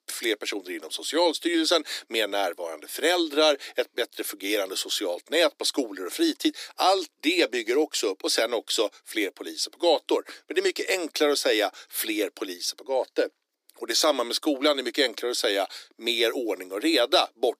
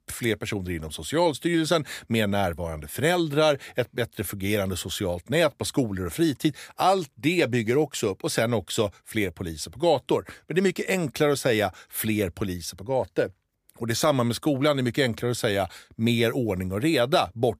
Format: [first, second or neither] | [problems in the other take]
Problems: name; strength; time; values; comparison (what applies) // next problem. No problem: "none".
second | thin; somewhat; fading below 300 Hz